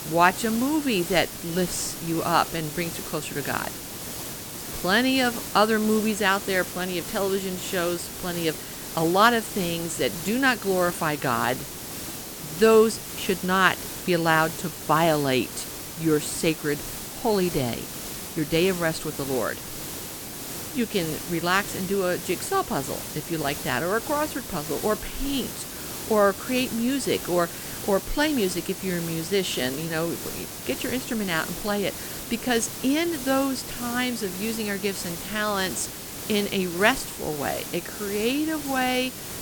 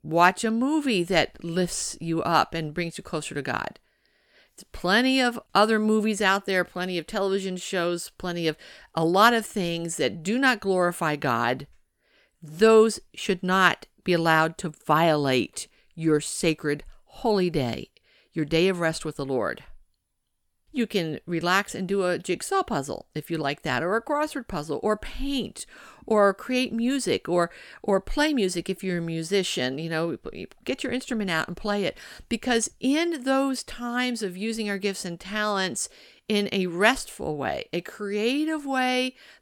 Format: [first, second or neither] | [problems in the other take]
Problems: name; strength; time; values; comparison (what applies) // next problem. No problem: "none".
second | hiss; loud; throughout; 8 dB below the speech